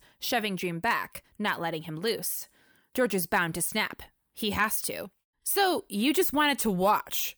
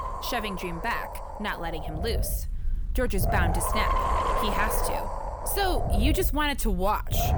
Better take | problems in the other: first | wind noise on the microphone; heavy; 1 dB below the speech

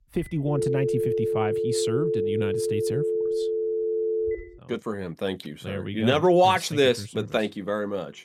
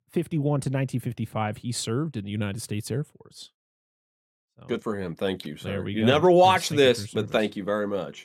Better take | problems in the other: second | phone ringing; loud; until 4.5 s; peak 1 dB above the speech

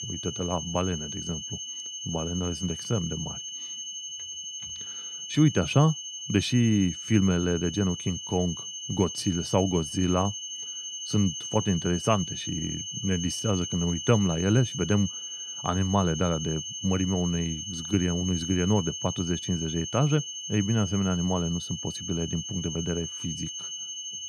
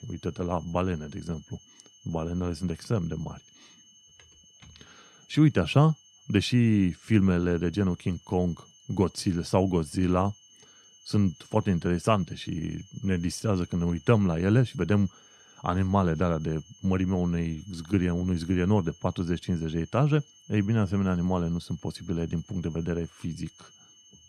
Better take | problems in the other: second | high-pitched whine; loud; throughout; 3 kHz, 6 dB below the speech; faint in the second

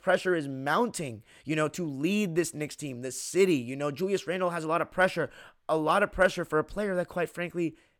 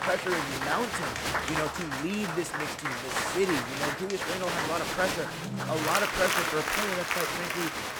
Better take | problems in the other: first | crowd noise; very loud; throughout; 2 dB above the speech

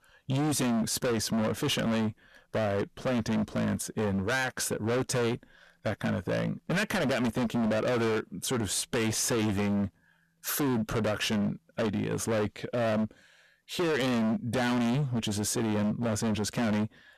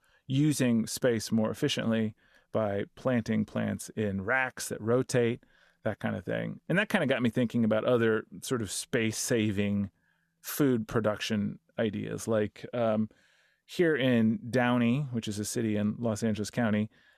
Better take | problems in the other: second | distortion; heavy; 29% of the sound clipped

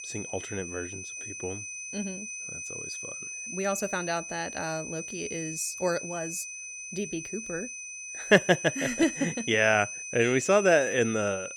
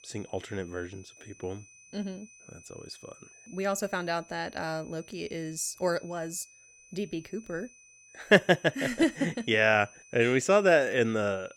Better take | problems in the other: second | high-pitched whine; loud; throughout; 6 kHz, 8 dB below the speech; faint in the second

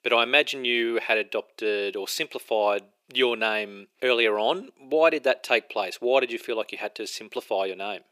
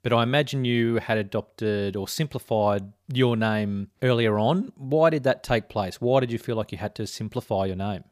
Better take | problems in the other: second | thin; very; fading below 350 Hz

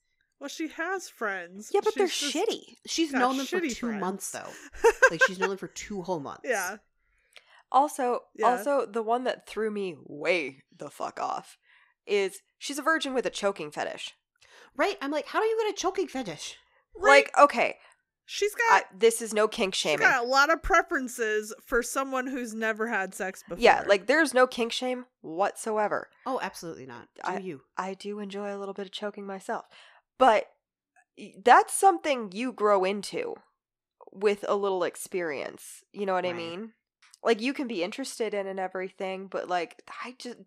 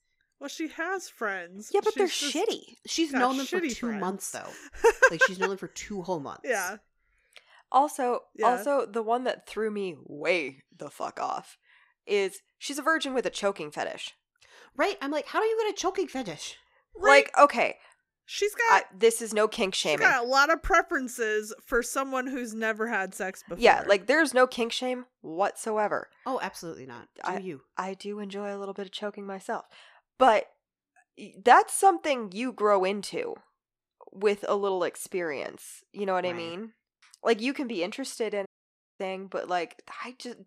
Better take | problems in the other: first | audio cutting out; at 38 s for 0.5 s

